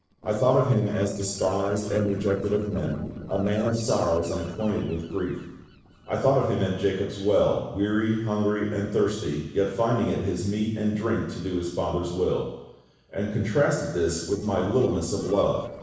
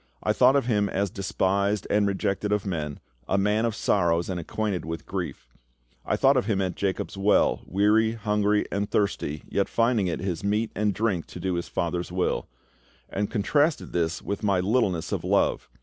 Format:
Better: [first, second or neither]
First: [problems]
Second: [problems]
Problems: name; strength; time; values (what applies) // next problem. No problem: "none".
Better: second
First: noise reduction (neural separator model SepFormer DNS4)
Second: none